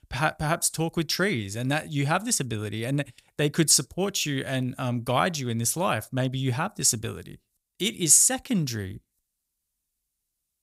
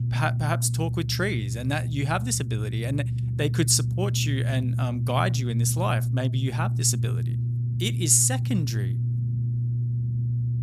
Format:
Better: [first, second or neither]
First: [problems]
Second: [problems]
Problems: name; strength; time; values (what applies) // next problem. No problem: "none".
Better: first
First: none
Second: low rumble; noticeable; throughout; 10 dB below the speech